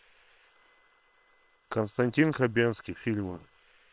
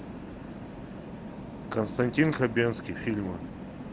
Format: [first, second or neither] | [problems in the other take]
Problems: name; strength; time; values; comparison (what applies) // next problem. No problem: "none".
second | noise reduction (neural separator model SepFormer WHAM!)